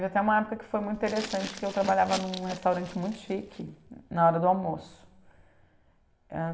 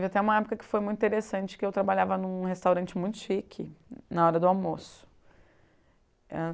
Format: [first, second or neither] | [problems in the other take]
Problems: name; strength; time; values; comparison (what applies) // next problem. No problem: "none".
second | background sound (Glass); 13 dB below the speech // room echo; dies away in 0.7 s